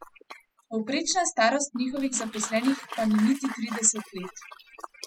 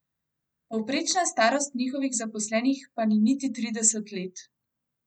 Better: second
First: noise reduction (classical method spectral subtraction)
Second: none

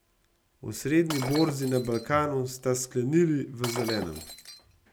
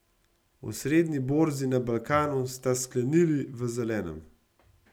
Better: second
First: background sound (Shatter); 11 dB below the speech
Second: none

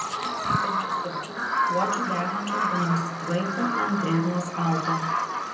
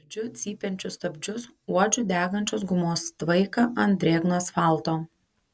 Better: second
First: background sound (Bird vocalization, bird call, bird song); 1 dB above the speech // room echo; dies away in 0.6 s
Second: none

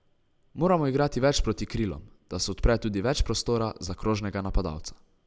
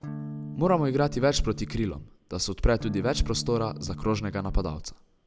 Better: first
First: none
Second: background sound (Electric guitar / Strum); 11 dB below the speech

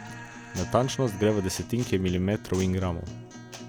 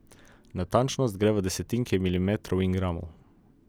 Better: second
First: background sound (Guitar); 13 dB below the speech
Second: none

